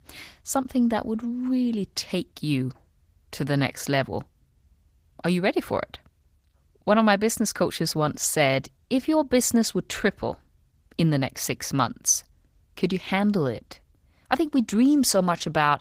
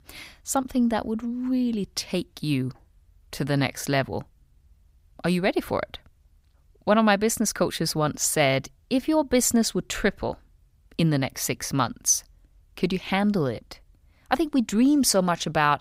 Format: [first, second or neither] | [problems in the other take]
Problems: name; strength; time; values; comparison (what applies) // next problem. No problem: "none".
second | garbled, watery; slightly; nothing above 15.5 kHz